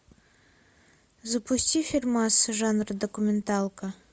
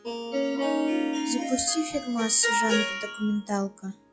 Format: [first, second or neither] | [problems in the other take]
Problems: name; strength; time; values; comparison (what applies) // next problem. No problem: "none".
first | noise reduction (classical method log-MMSE)